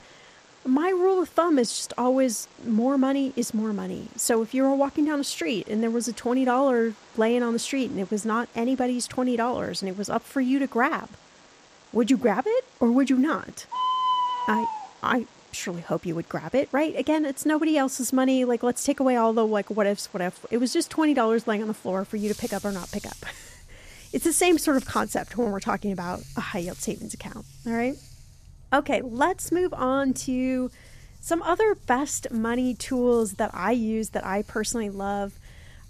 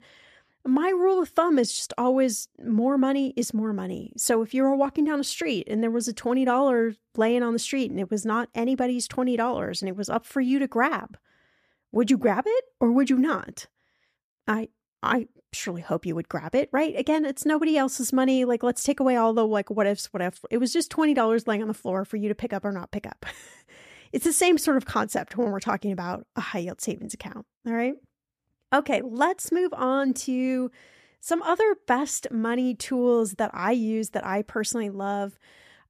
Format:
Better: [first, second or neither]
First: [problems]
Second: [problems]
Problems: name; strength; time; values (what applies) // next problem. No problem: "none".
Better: second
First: animal sounds; noticeable; throughout; 10 dB below the speech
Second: none